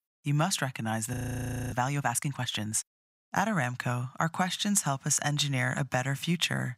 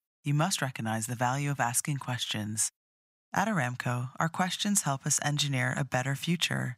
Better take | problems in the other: second | audio freezing; at 1 s for 0.5 s

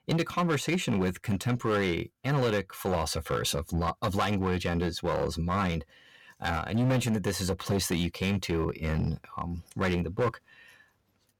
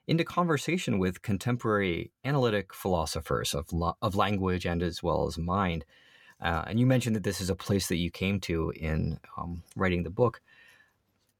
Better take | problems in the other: second | distortion; slight; 9% of the sound clipped

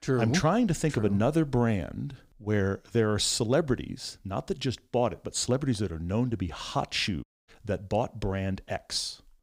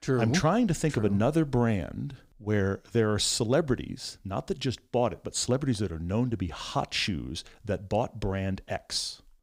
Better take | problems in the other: second | audio cutting out; at 7 s

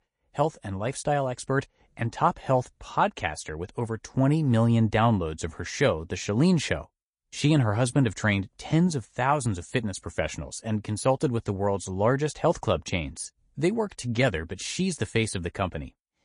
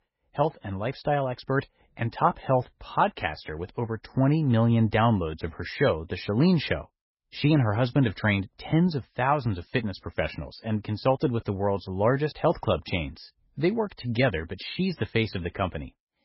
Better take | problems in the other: first | garbled, watery; badly; nothing above 5.5 kHz; slightly in the first

